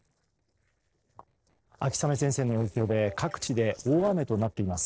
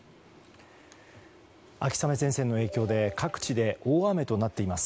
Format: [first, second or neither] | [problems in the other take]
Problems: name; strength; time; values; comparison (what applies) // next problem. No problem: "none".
second | noise reduction (neural separator model SepFormer DNS4)